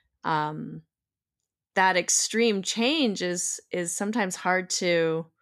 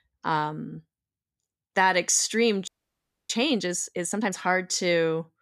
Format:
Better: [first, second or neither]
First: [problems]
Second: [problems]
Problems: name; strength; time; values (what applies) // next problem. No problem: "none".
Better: first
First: none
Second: audio freezing; at 2.5 s for 0.5 s